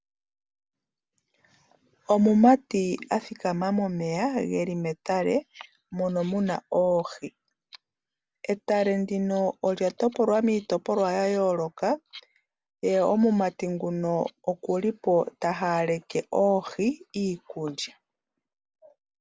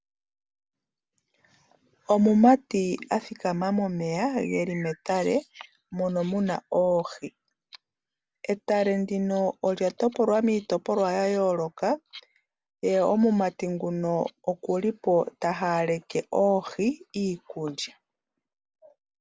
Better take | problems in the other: first | background sound (Bird); 18 dB below the speech

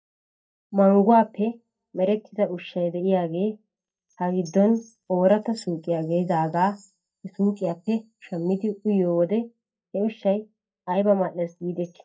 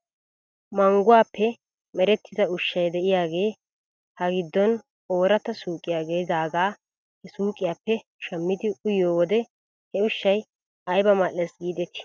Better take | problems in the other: second | noise reduction (neural mask model DeepFilterNet 3)

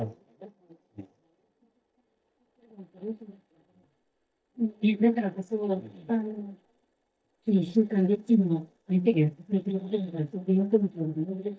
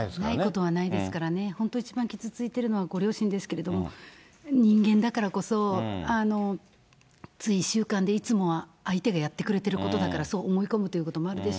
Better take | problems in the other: second | noise reduction (neural mask model DeepFilterNet 3)

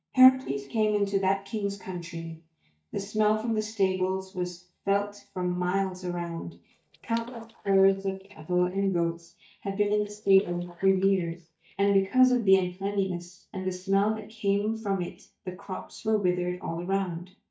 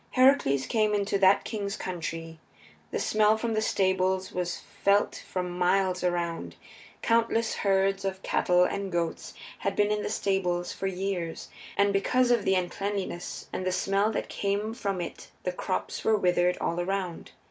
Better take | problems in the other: second | noise reduction (neural mask model DeepFilterNet 3)

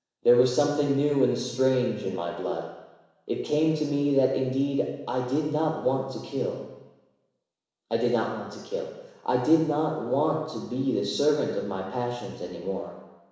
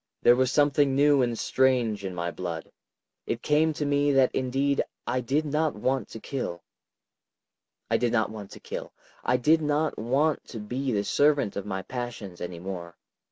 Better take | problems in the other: second | room echo; dies away in 1 s

